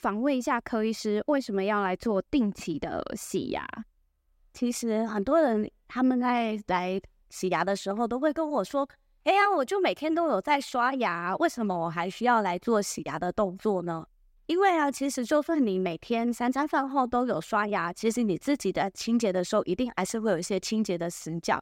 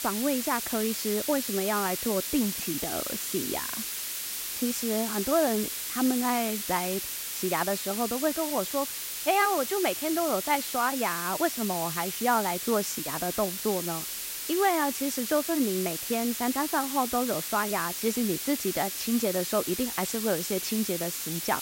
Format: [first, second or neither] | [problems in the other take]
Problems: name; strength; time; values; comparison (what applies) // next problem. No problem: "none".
first | hiss; loud; throughout; 3 dB below the speech